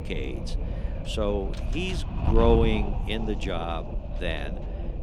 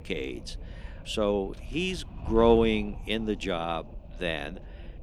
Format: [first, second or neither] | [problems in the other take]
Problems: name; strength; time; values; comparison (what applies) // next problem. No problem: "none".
second | wind noise on the microphone; heavy; 9 dB below the speech; occasional gusts in the second